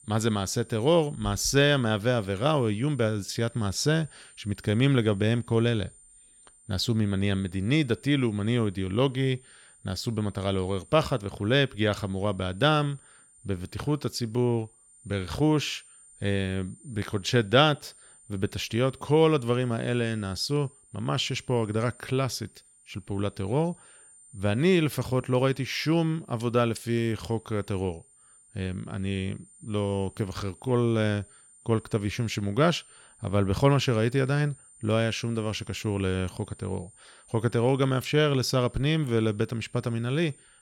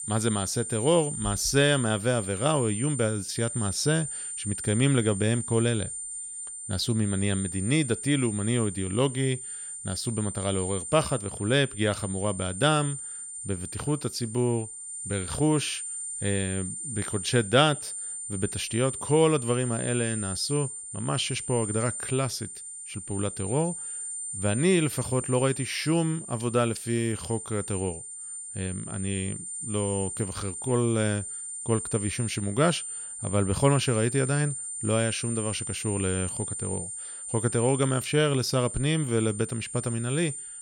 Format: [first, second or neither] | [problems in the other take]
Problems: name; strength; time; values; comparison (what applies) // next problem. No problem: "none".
first | high-pitched whine; loud; throughout; 9 kHz, 6 dB below the speech; faint in the first